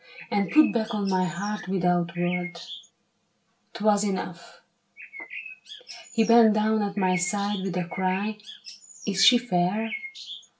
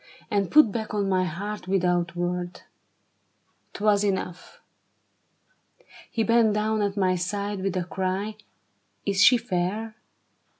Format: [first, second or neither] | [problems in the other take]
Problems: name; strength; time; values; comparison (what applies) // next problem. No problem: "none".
second | background sound (Bird); 14 dB below the speech // room echo; dies away in 0.2 s